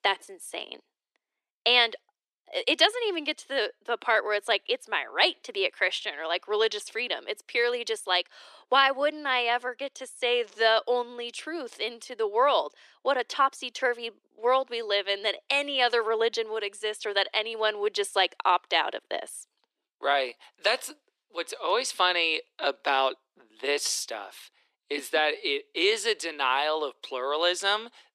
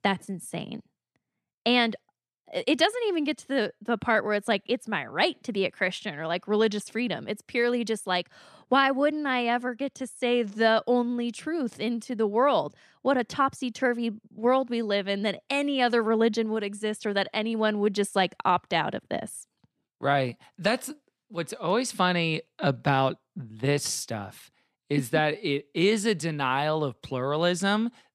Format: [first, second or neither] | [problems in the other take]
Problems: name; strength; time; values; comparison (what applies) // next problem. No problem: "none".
second | thin; very; fading below 350 Hz